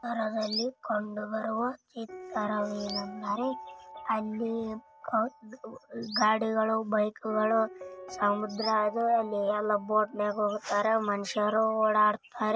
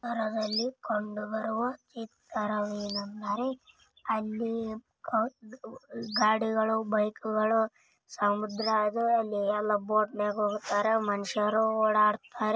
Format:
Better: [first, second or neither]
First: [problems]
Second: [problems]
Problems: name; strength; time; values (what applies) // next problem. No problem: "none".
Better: second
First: background sound (Piano); 18 dB below the speech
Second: none